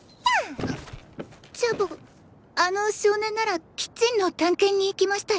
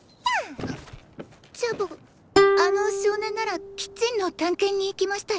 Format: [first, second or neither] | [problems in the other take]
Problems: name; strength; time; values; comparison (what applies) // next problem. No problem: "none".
first | background sound (Plucked string instrument); 2 dB above the speech